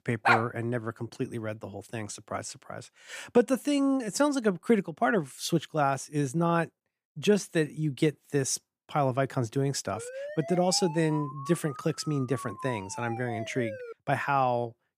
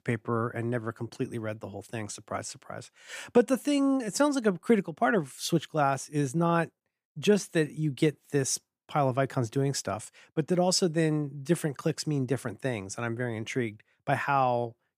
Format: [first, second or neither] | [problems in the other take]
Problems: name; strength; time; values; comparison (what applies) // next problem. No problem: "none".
second | dog barking; loud; at 0.5 s; peak 4 dB above the speech // siren; noticeable; from 10 to 14 s; peak 9 dB below the speech